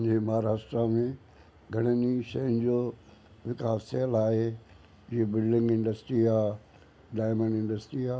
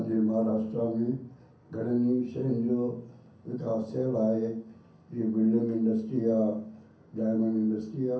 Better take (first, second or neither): first